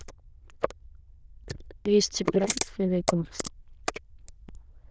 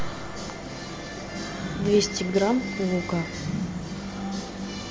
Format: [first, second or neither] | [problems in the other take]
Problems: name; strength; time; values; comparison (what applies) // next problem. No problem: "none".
second | noise reduction (neural diffusion model UNIVERSE++)